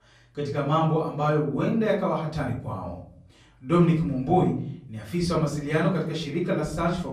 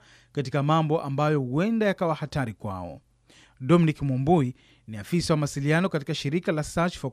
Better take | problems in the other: second | off-mic speech; far // room echo; slight; dies away in 0.6 s

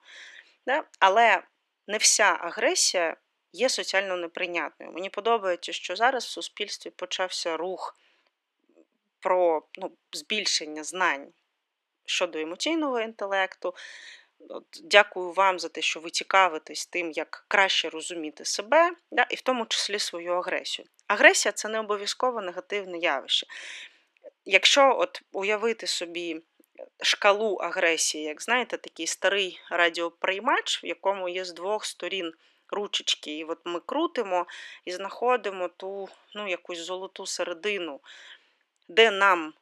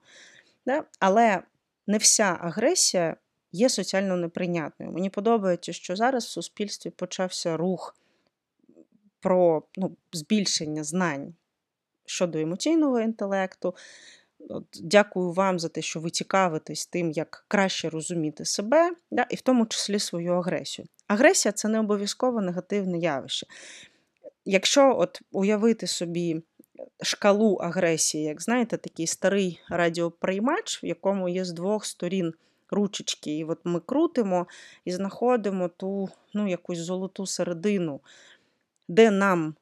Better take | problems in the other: second | thin; very; fading below 300 Hz

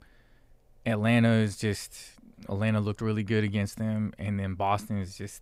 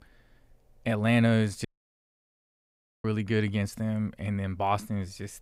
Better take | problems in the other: first | audio cutting out; at 1.5 s for 1.5 s

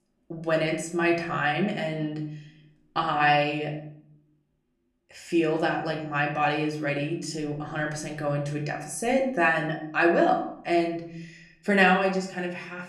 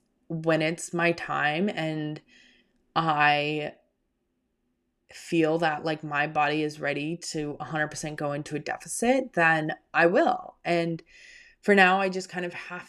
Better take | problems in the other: second | room echo; slight; dies away in 0.6 s // off-mic speech; somewhat distant

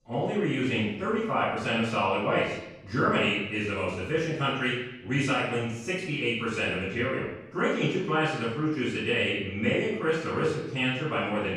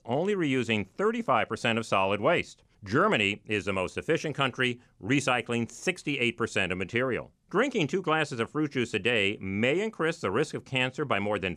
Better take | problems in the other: second | off-mic speech; far // room echo; noticeable; dies away in 0.8 s

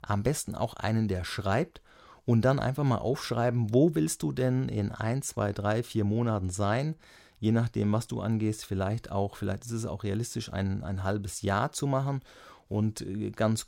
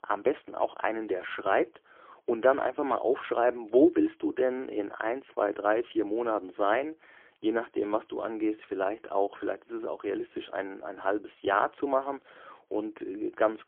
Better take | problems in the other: first | phone-call audio; poor line; nothing above 3.5 kHz

